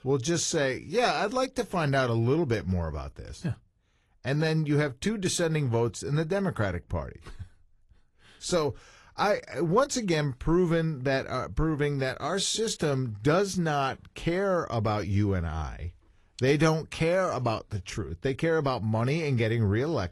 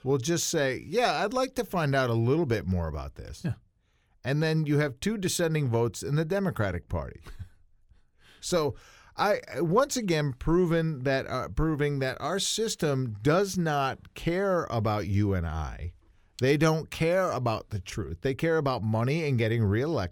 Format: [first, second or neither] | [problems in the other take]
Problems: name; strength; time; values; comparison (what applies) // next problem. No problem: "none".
second | garbled, watery; slightly; nothing above 11.5 kHz